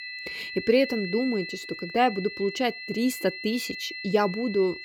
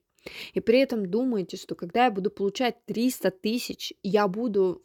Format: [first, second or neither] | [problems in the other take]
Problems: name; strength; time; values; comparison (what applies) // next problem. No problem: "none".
second | high-pitched whine; loud; throughout; 2 kHz, 9 dB below the speech